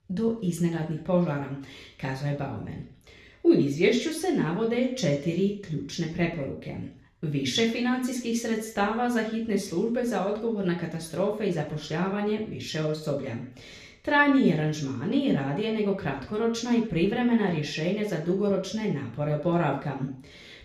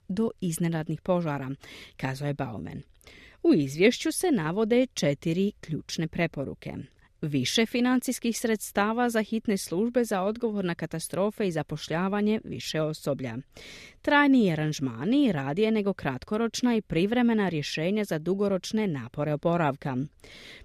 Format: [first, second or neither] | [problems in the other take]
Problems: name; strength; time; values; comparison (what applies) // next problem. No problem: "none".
second | room echo; slight; dies away in 0.5 s // off-mic speech; far